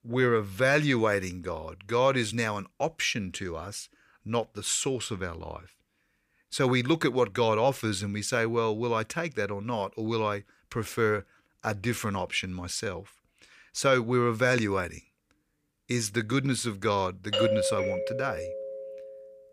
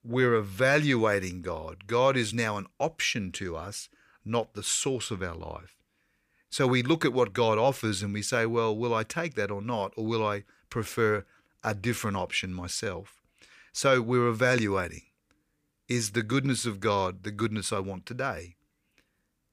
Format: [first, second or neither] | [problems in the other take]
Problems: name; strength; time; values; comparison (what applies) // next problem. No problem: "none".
second | doorbell; loud; from 17 to 19 s; peak 2 dB above the speech